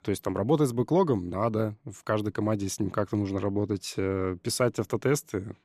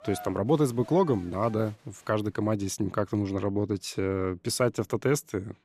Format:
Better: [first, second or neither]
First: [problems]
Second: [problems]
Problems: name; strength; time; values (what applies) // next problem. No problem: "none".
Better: first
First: none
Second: crowd noise; faint; until 2 s; 20 dB below the speech